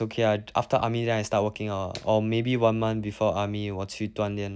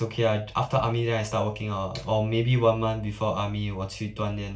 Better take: first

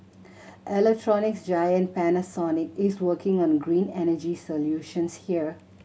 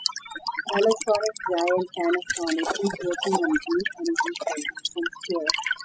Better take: first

